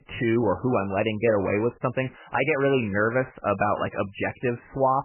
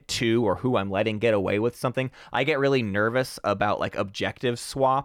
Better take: second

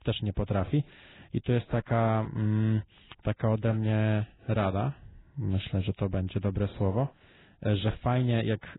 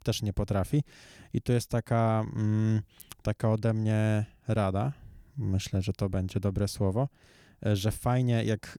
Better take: second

